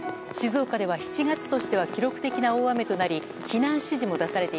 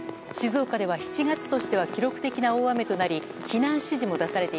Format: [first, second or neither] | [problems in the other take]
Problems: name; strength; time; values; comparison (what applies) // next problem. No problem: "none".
second | background sound (Plucked string instrument); 18 dB below the speech